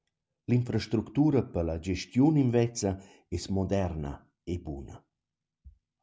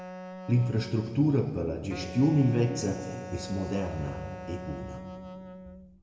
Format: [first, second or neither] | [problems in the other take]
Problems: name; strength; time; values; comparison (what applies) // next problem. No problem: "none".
first | background sound (Wind instrument, woodwind instrument); 13 dB below the speech // room echo; dies away in 1.9 s